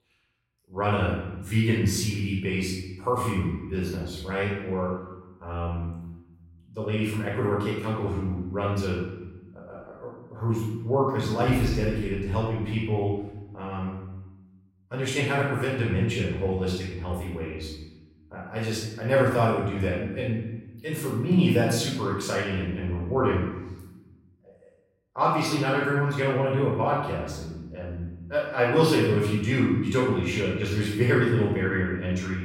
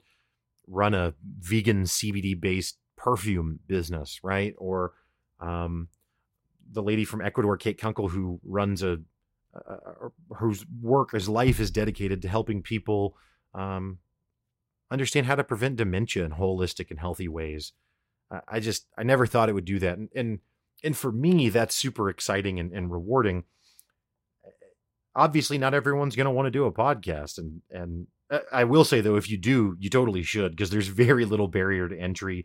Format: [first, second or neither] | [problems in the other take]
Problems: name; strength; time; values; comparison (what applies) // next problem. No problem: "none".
second | off-mic speech; far // room echo; noticeable; dies away in 1 s